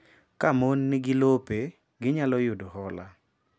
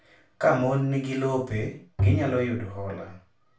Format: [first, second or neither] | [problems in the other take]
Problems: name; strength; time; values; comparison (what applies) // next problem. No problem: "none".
first | background sound (Bowed string instrument); 1 dB below the speech // room echo; dies away in 0.3 s